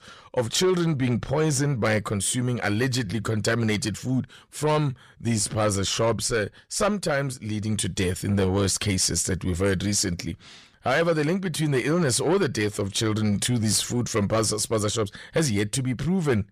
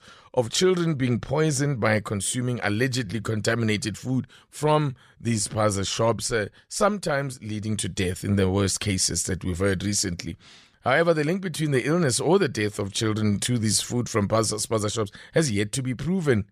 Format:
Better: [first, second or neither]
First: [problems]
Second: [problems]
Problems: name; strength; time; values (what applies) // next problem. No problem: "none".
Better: second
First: distortion; slight; 10 dB below the speech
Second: none